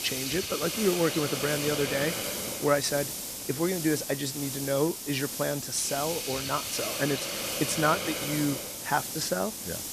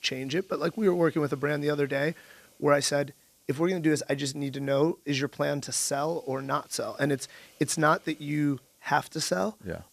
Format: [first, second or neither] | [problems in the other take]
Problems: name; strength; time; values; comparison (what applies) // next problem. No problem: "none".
second | hiss; loud; throughout; 2 dB below the speech; faint in the second